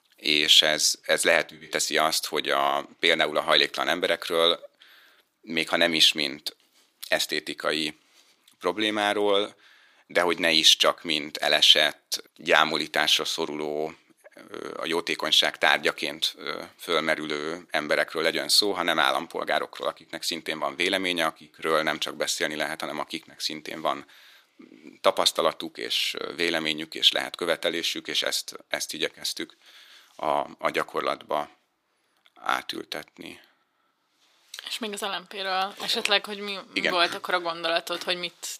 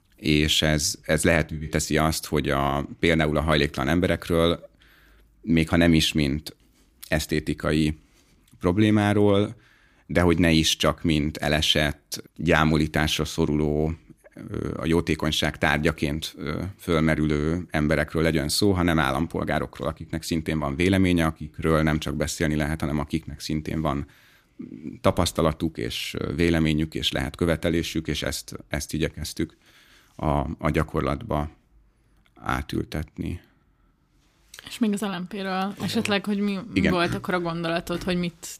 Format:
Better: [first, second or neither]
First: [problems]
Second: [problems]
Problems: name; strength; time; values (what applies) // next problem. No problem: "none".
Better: second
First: thin; very; fading below 600 Hz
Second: none